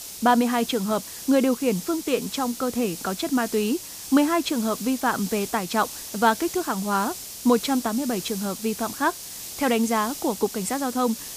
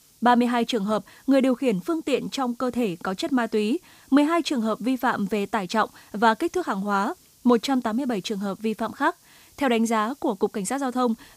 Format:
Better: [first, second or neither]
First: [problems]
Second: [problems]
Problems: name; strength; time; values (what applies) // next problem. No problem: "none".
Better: second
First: hiss; loud; throughout; 10 dB below the speech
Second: hiss; faint; throughout; 30 dB below the speech